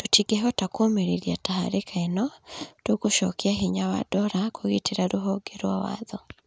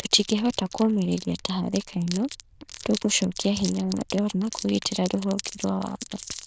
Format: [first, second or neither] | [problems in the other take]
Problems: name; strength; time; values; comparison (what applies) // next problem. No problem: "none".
first | noise reduction (neural diffusion model UNIVERSE++)